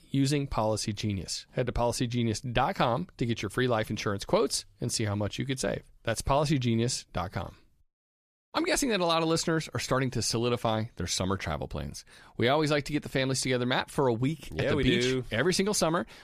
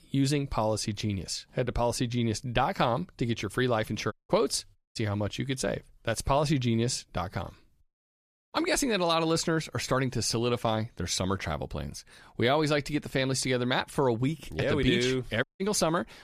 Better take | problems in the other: first | audio cutting out; at 4 s, at 5 s and at 15 s

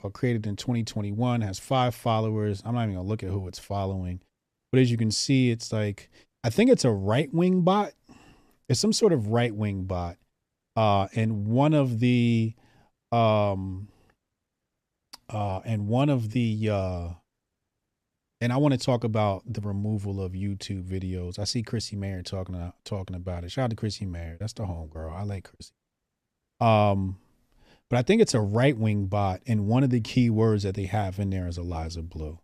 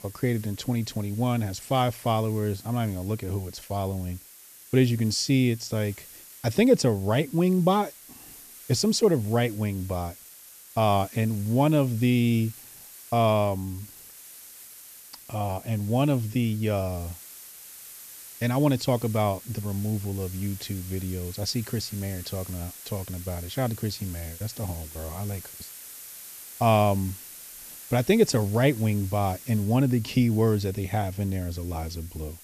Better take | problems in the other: first | hiss; noticeable; throughout; 15 dB below the speech

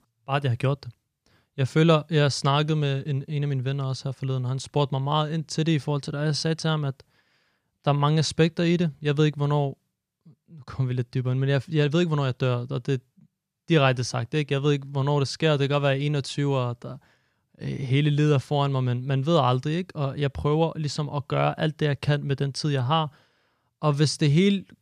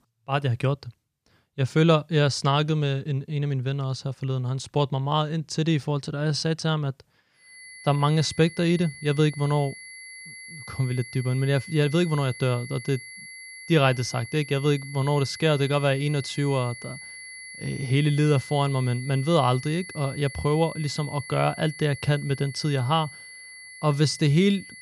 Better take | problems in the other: first | high-pitched whine; noticeable; from 7.5 s on; 2 kHz, 15 dB below the speech

